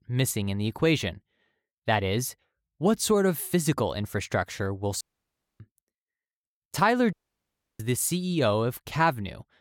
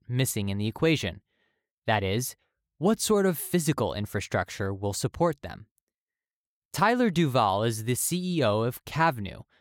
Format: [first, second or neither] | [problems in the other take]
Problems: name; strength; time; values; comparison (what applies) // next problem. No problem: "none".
second | audio cutting out; at 5 s for 0.5 s and at 7 s for 0.5 s